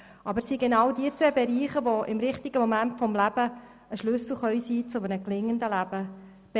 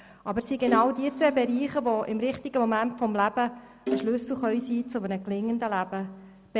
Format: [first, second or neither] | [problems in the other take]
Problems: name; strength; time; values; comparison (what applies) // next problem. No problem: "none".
first | background sound (Bowed string instrument); 9 dB below the speech